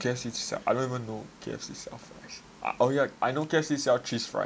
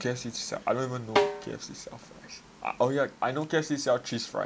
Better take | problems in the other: first | background sound (Snare drum); as loud as the speech

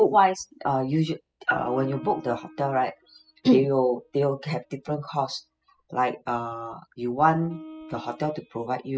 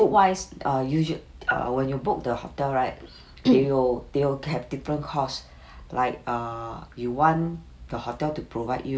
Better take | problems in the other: second | noise reduction (classical method spectral subtraction)

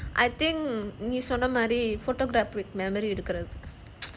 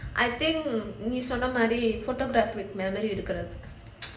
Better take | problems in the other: first | room echo; dies away in 0.6 s

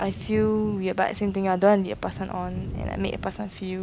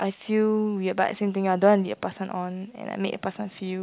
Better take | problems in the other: second | background sound (Thunder / Rain); 11 dB below the speech

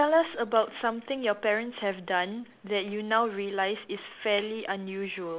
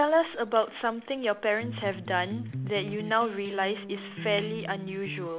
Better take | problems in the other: first | background sound (Electric guitar); 9 dB below the speech

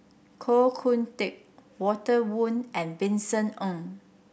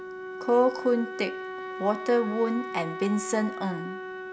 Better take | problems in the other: first | background sound (Wind instrument, woodwind instrument); 9 dB below the speech

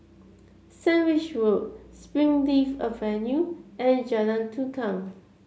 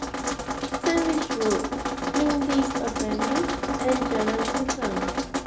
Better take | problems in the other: first | background sound (Drip); 1 dB above the speech

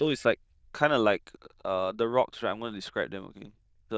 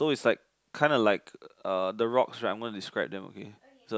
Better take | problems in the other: second | noise reduction (neural diffusion model UNIVERSE++)

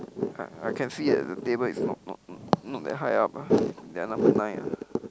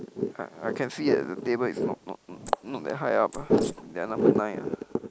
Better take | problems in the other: first | noise reduction (neural mask model Resemble Enhance denoiser)

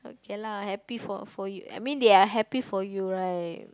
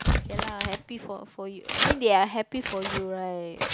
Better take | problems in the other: first | background sound (Tearing); 1 dB below the speech

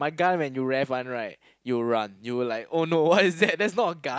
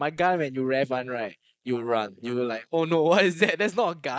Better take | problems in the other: first | noise reduction (neural mask model Resemble Enhance denoiser)

